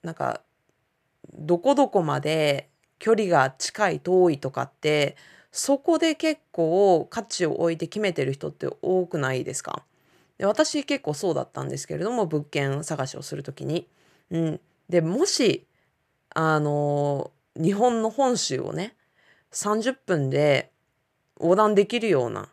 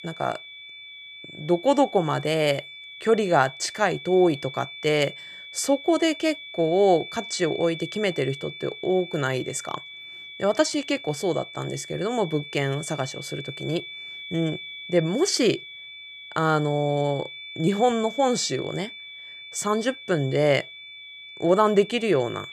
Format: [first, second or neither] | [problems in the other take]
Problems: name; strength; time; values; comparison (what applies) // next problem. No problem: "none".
first | high-pitched whine; noticeable; throughout; 2.5 kHz, 15 dB below the speech